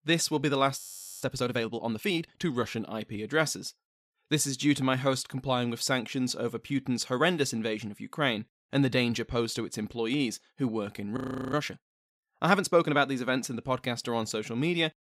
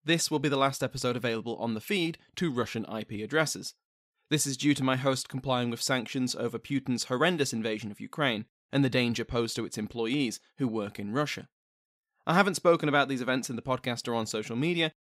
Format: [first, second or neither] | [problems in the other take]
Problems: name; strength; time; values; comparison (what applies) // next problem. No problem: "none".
second | audio freezing; at 1 s and at 11 s